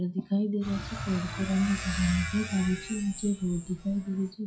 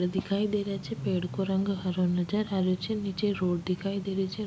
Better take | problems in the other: second | noise reduction (classical method WPE with log-MMSE)

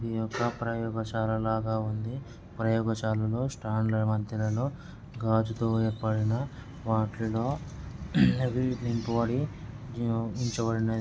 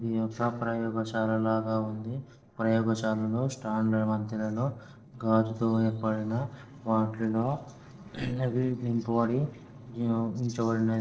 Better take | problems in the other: first | noise reduction (neural separator model SepFormer DNS4)

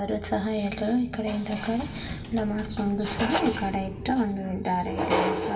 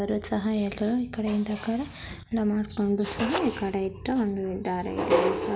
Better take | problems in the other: second | background sound (Typing); 17 dB below the speech // room echo; dies away in 1.9 s

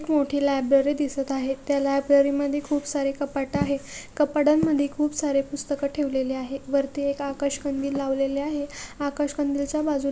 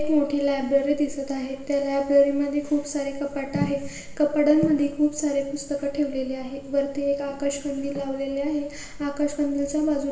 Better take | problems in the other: first | room echo; dies away in 0.8 s

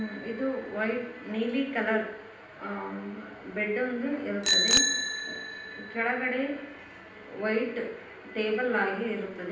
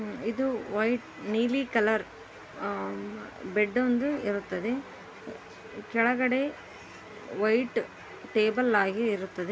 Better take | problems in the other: second | background sound (Bicycle bell); 3 dB below the speech // room echo; dies away in 0.9 s

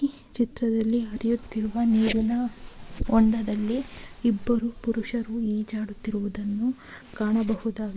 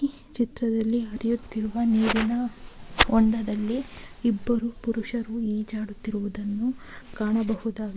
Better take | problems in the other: second | noise reduction (neural mask model Resemble Enhance denoiser)

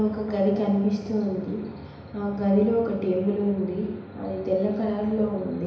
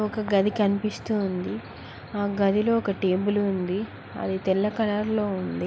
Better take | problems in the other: second | room echo; dies away in 1 s

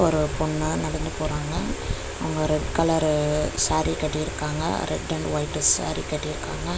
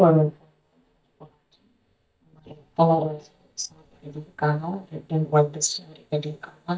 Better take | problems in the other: first | noise reduction (neural mask model DeepFilterNet 3)

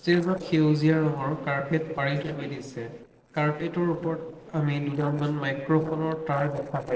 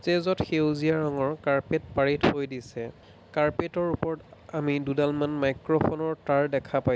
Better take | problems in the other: second | noise reduction (neural separator model SepFormer DNS4)

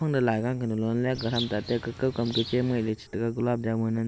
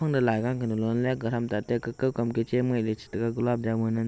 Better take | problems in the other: second | background sound (Bird); 11 dB below the speech

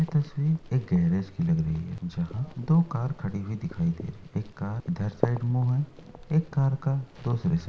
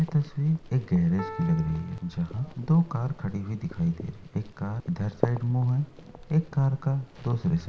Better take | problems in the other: first | background sound (Piano); 17 dB below the speech

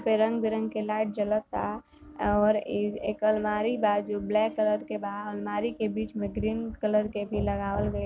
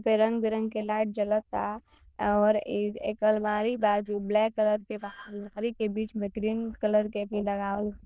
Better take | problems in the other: first | noise reduction (neural diffusion model UNIVERSE++)

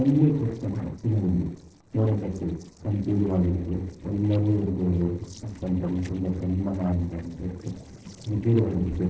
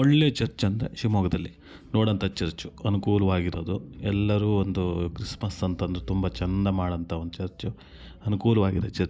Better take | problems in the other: second | noise reduction (neural separator model SepFormer DNS4)

